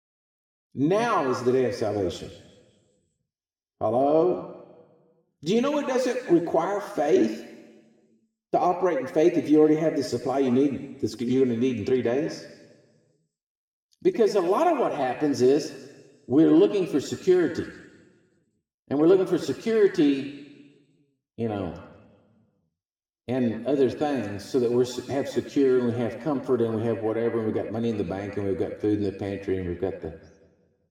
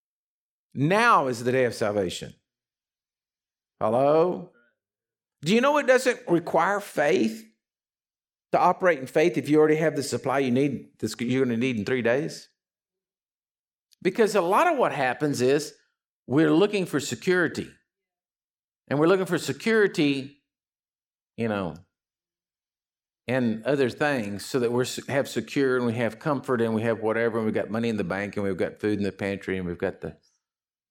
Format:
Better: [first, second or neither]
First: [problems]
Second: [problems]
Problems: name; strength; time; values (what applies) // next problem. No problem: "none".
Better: second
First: room echo; slight; dies away in 1.3 s // off-mic speech; somewhat distant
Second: none